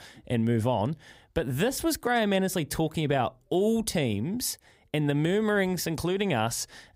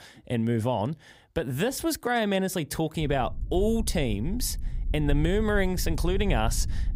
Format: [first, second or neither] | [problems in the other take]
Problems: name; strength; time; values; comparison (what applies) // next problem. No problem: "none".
first | low rumble; faint; from 3 s on; 20 dB below the speech